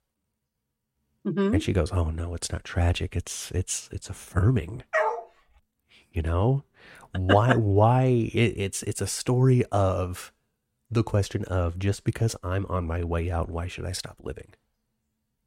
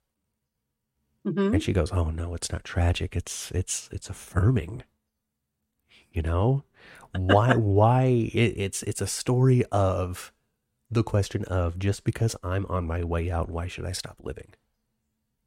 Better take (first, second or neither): second